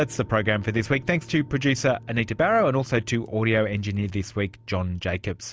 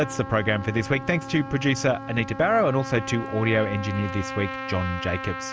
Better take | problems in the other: first | background sound (Trumpet); 10 dB below the speech

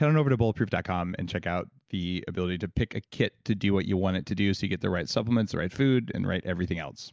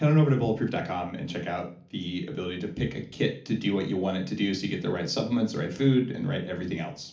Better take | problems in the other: first | room echo; dies away in 0.4 s

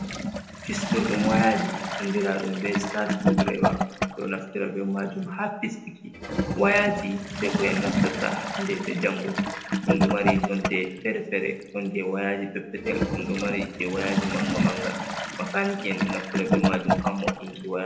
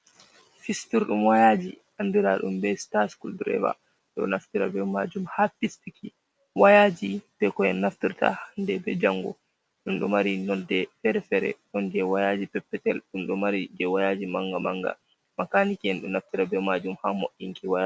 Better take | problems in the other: second | background sound (Toilet flush / Gurgling); as loud as the speech // room echo; dies away in 0.7 s

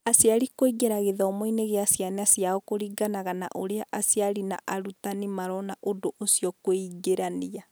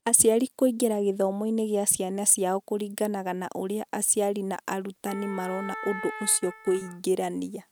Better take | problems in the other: first | noise reduction (neural mask model RNNoise)

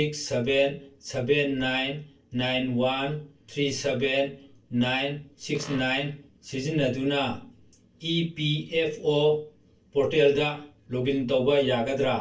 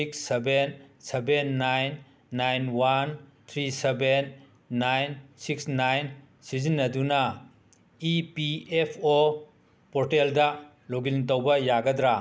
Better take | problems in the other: second | noise reduction (neural separator model SepFormer DNS4)

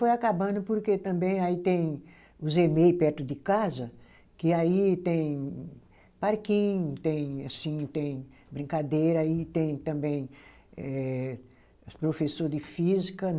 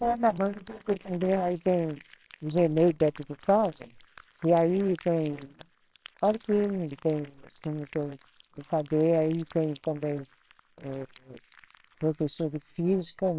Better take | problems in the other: first | noise reduction (neural separator model SepFormer WHAMR!)

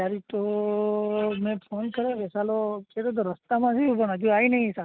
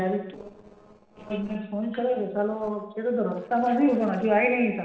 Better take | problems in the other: first | noise reduction (neural separator model SepFormer DNS4)

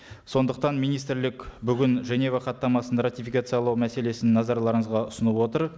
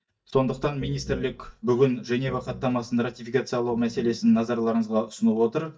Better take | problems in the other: first | noise reduction (neural mask model DeepFilterNet 3)

